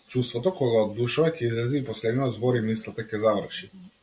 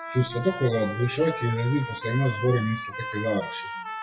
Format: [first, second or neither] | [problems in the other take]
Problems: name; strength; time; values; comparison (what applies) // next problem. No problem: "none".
first | noise reduction (classical method WPE with log-MMSE)